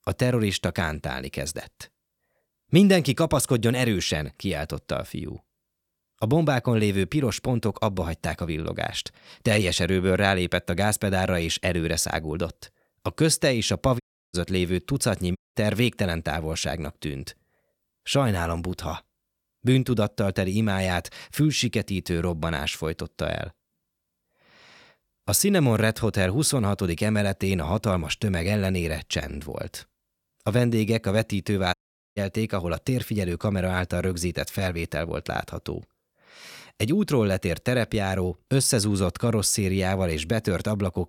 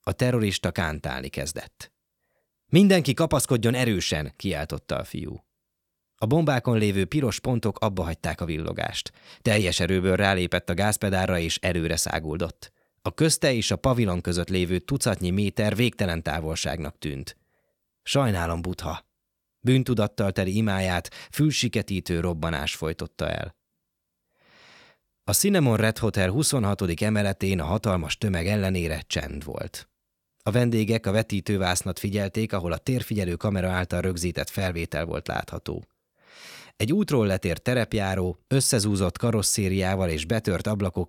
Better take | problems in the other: second | audio cutting out; at 14 s, at 15 s and at 32 s

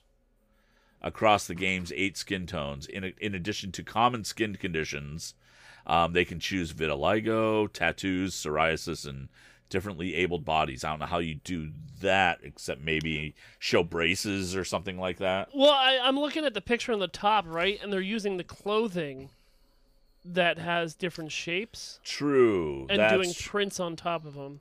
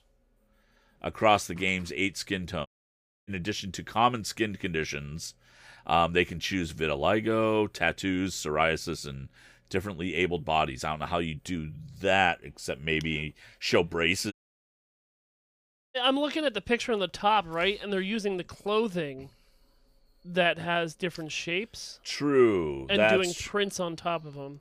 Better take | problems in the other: first | audio cutting out; at 2.5 s for 0.5 s and at 14 s for 1.5 s

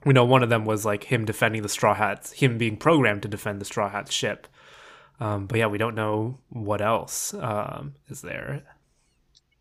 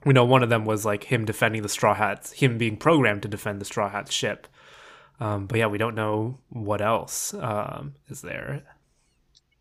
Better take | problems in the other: neither | none

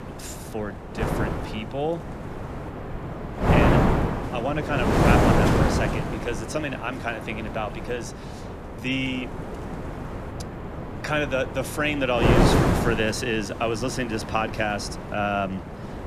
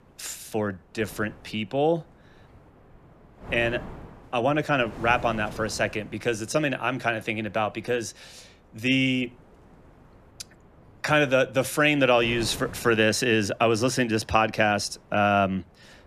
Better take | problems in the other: second | wind noise on the microphone; heavy; as loud as the speech; occasional gusts in the second

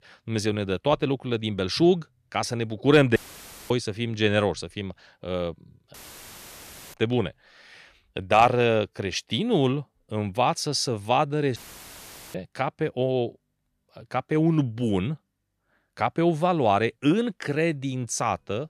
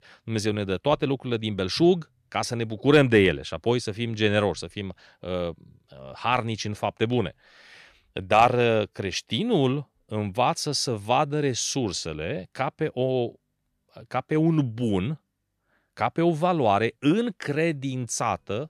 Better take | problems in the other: second | audio cutting out; filled with static; at 3 s for 0.5 s, at 6 s for 1 s and at 12 s for 1 s

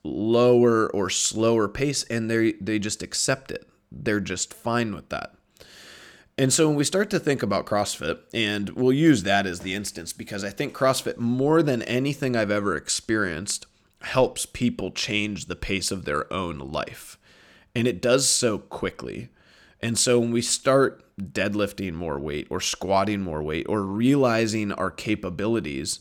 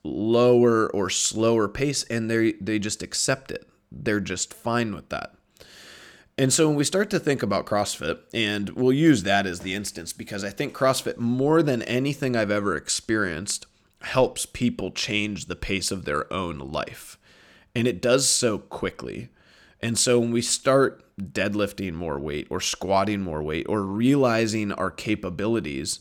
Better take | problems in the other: neither | none

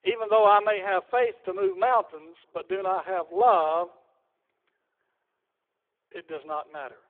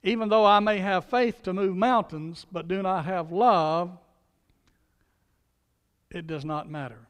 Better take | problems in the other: second | phone-call audio; poor line

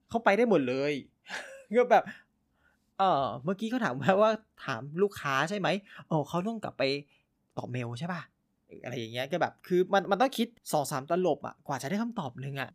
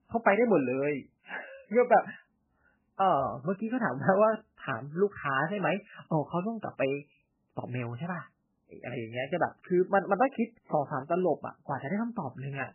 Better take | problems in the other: first | garbled, watery; badly; nothing above 3 kHz

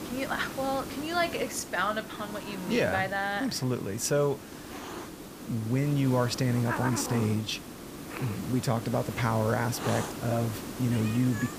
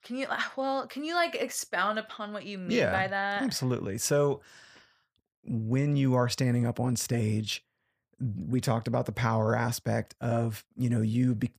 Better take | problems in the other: second | hiss; loud; throughout; 9 dB below the speech

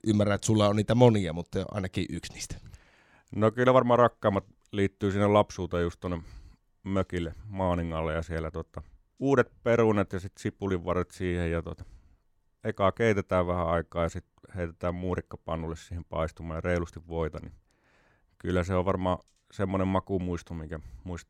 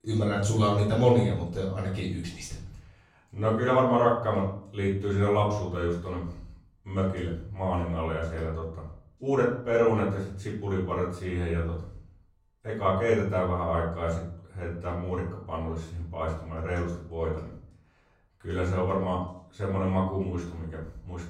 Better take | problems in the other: first | room echo; noticeable; dies away in 0.5 s // off-mic speech; far

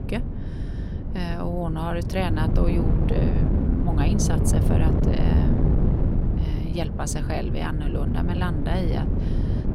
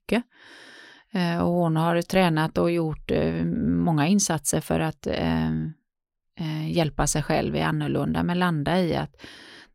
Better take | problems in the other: second | wind noise on the microphone; heavy; 2 dB below the speech

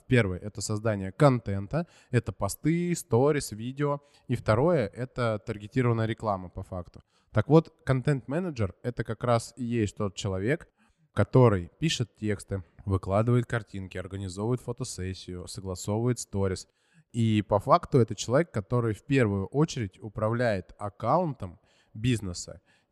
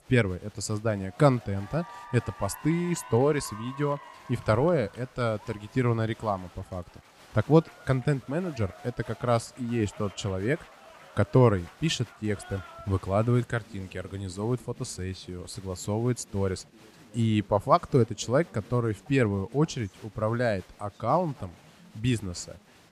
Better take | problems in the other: first | crowd noise; faint; throughout; 20 dB below the speech

